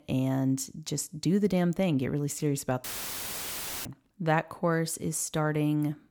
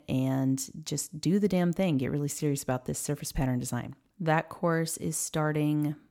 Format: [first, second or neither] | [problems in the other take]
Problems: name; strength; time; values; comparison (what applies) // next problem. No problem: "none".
second | audio cutting out; filled with static; at 3 s for 1 s